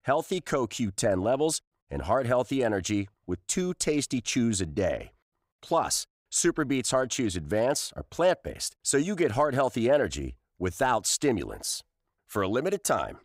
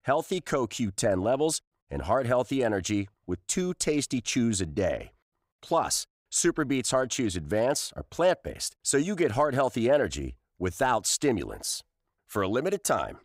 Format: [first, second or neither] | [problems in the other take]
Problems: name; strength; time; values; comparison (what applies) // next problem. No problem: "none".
neither | none